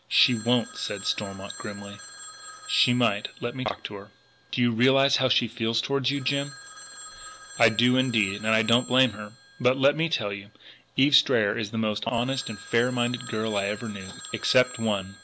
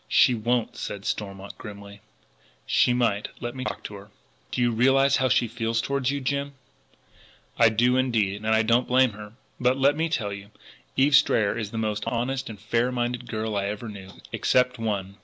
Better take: second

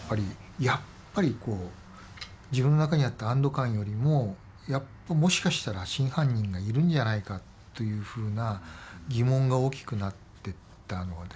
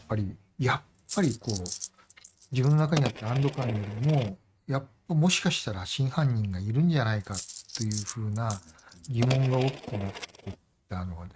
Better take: first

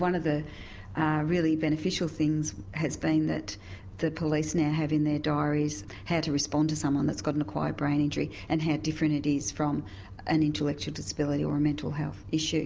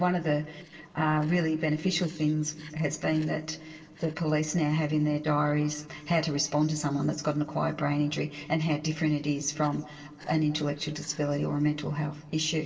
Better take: first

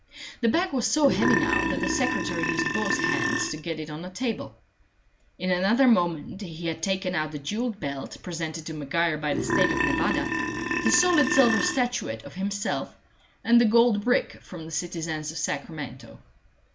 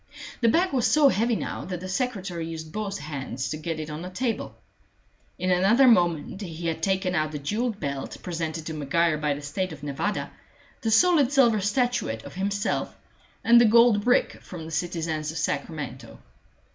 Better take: second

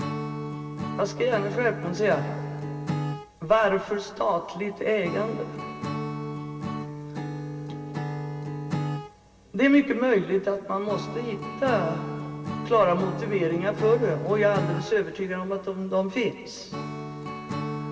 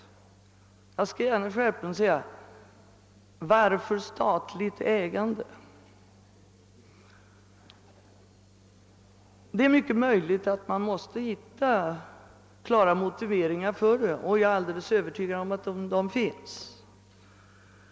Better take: second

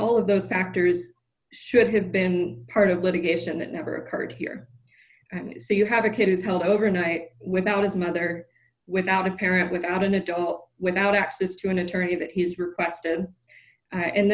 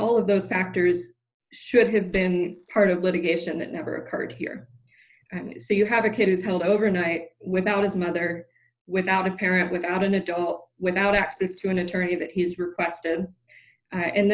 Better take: first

